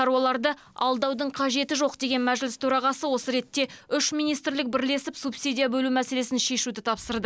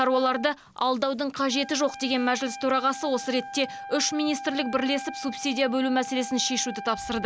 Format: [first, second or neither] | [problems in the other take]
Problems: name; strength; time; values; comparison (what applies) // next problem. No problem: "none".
first | background sound (Wind instrument, woodwind instrument); 12 dB below the speech